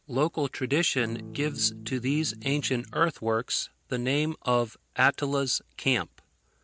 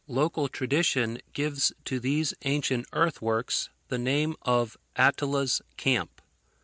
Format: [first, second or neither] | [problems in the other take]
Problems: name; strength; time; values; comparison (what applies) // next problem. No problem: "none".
second | background sound (Electric guitar / Strum); 13 dB below the speech